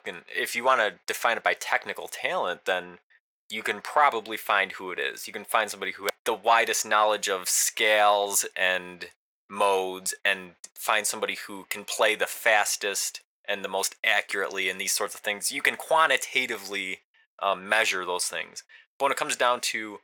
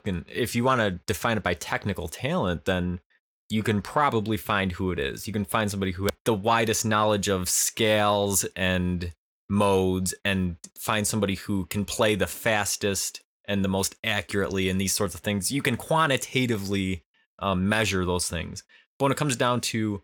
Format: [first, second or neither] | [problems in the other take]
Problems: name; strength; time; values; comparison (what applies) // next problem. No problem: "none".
second | thin; very; fading below 650 Hz